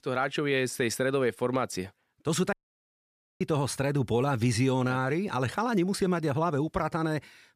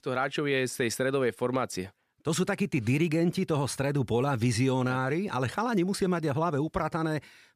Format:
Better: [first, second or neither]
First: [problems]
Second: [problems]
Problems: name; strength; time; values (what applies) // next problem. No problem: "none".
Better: second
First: audio cutting out; at 2.5 s for 1 s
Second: none